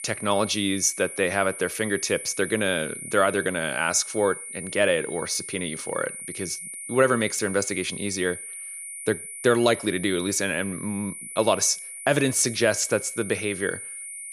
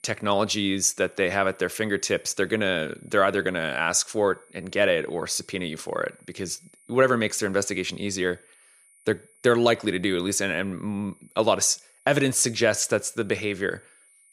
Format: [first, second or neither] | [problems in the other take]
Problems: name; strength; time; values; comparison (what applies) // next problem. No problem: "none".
second | high-pitched whine; loud; throughout; 9.5 kHz, 10 dB below the speech; faint in the second